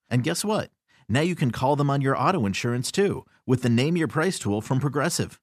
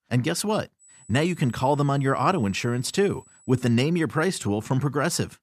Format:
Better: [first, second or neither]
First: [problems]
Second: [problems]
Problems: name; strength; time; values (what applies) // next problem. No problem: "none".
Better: first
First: none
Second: high-pitched whine; faint; from 1 to 3.5 s; 8 kHz, 25 dB below the speech